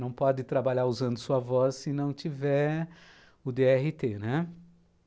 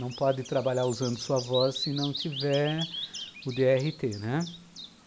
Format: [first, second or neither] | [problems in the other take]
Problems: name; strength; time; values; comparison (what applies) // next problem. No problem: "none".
first | background sound (Bird vocalization, bird call, bird song); 11 dB below the speech